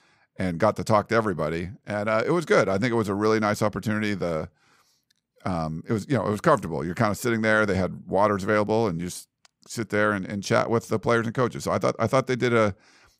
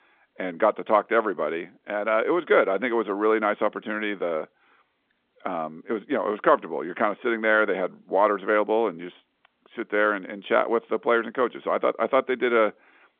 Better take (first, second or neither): first